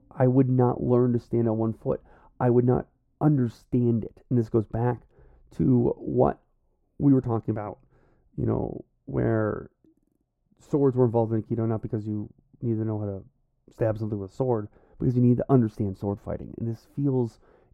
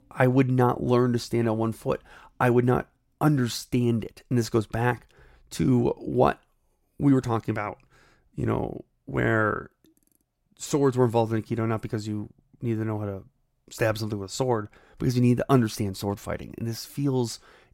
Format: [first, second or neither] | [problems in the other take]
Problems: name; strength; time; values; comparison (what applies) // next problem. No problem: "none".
second | muffled; very; fading above 1.5 kHz